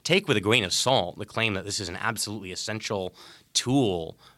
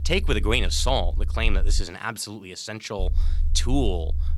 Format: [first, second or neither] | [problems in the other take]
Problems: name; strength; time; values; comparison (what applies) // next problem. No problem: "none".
first | low rumble; faint; until 2 s and from 3 s on; 20 dB below the speech